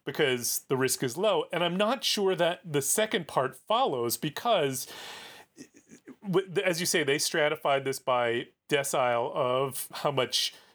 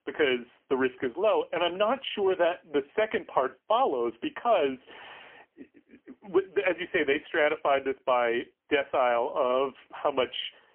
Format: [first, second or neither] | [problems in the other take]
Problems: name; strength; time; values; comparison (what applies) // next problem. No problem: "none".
first | phone-call audio; poor line; nothing above 3 kHz